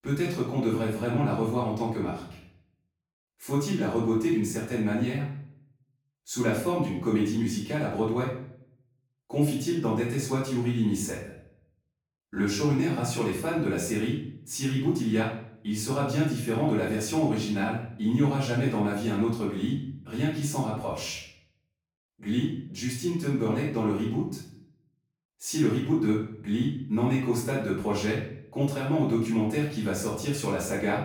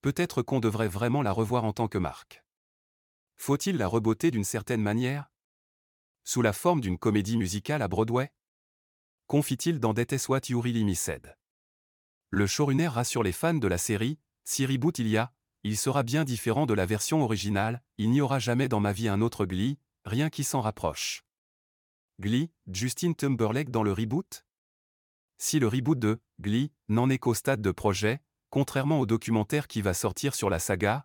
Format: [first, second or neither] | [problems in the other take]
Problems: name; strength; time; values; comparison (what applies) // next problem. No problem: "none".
second | off-mic speech; far // room echo; noticeable; dies away in 0.5 s